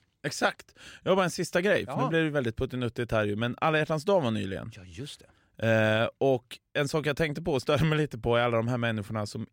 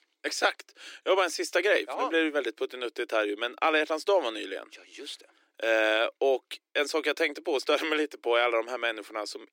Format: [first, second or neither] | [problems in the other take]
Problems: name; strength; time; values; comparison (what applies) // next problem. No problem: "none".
first | thin; very; fading below 300 Hz